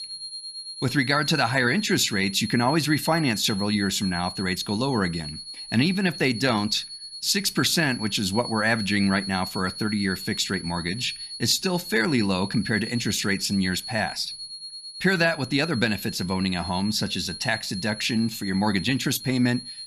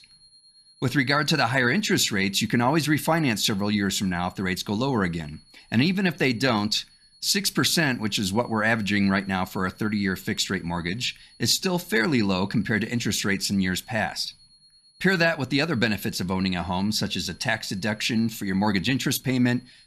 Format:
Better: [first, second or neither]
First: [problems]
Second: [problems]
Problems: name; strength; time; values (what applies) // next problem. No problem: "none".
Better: second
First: high-pitched whine; loud; throughout; 4.5 kHz, 10 dB below the speech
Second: high-pitched whine; faint; throughout; 4.5 kHz, 30 dB below the speech